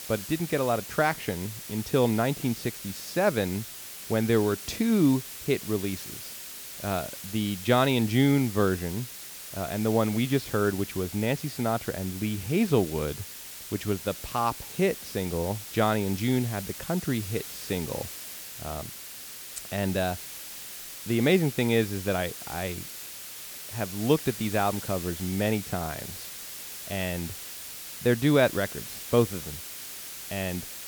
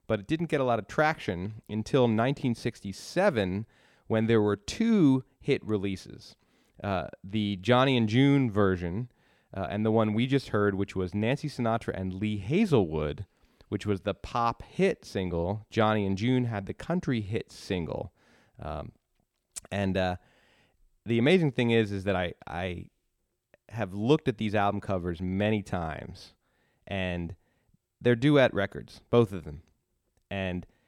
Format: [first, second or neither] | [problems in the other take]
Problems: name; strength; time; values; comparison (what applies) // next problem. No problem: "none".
second | hiss; loud; throughout; 10 dB below the speech